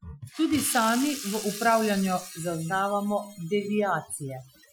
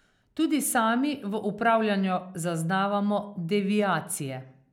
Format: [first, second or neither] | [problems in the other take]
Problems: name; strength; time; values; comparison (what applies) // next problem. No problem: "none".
second | noise reduction (classical method Wiener filter)